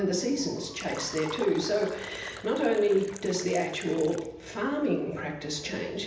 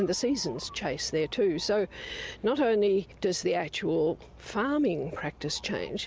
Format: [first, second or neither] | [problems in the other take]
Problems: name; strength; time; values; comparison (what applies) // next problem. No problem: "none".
second | background sound (Fill (with liquid)); 17 dB below the speech // room echo; dies away in 0.9 s